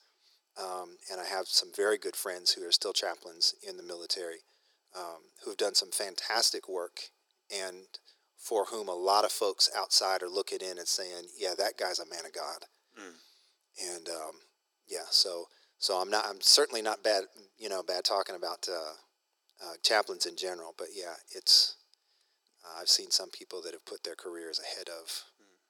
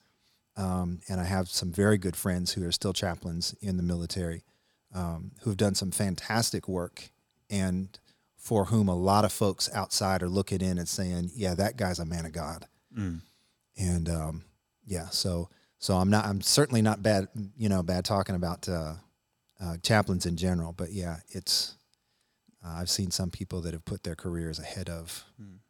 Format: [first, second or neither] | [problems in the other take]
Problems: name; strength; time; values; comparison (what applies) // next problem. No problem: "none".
second | thin; very; fading below 350 Hz